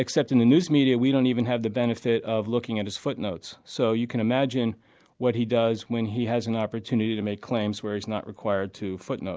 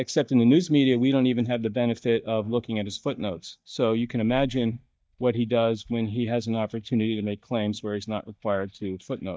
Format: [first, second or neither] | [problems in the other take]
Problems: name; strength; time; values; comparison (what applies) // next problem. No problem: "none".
first | noise reduction (neural mask model DeepFilterNet 3)